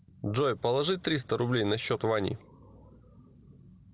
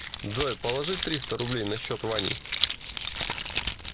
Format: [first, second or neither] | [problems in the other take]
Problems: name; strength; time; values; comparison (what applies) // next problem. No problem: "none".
first | background sound (Keys jangling); as loud as the speech